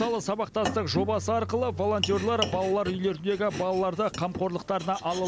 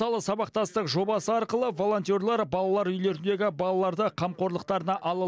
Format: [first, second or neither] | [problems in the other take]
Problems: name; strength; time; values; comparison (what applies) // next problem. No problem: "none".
second | background sound (Bowed string instrument + Domestic sounds, home sounds); 9 dB below the speech